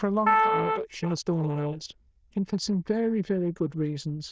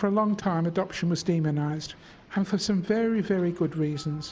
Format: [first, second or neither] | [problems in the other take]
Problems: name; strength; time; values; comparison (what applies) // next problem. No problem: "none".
second | noise reduction (neural diffusion model UNIVERSE++)